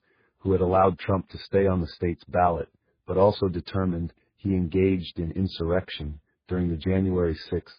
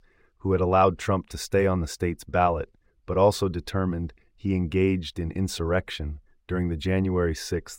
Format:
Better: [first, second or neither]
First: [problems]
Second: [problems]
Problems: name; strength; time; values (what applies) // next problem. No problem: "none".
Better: second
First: garbled, watery; badly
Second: none